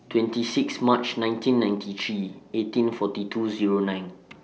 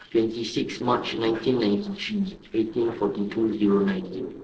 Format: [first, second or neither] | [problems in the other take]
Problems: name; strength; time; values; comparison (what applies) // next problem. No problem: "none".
first | noise reduction (neural separator model SepFormer DNS4)